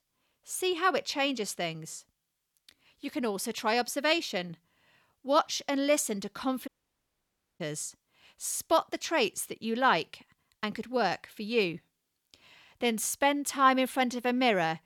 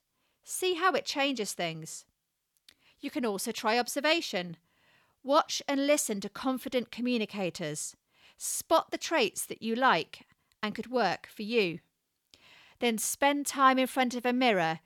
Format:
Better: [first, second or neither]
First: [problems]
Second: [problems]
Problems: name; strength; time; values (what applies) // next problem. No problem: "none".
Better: second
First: audio cutting out; at 6.5 s for 1 s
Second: none